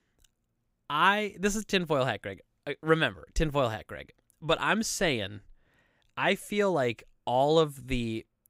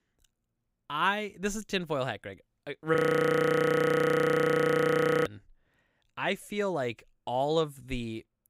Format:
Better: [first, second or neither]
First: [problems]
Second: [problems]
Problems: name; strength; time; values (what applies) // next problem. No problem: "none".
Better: first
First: none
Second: audio freezing; at 3 s for 2.5 s